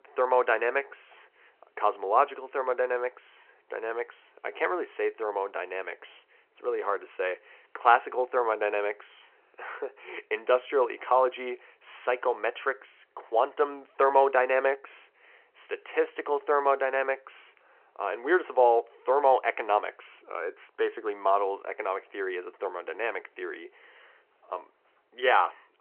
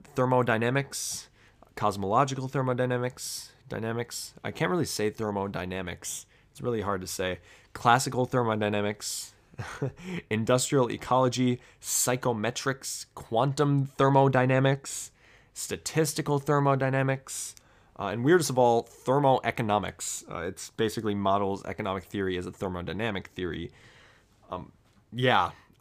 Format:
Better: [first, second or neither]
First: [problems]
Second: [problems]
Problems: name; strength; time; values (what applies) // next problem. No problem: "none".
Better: second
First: phone-call audio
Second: none